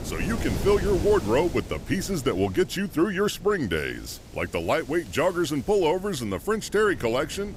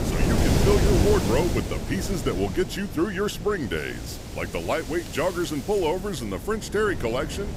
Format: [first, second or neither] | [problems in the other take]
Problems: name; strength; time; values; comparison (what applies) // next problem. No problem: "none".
first | wind noise on the microphone; heavy; 6 dB below the speech; occasional gusts in the first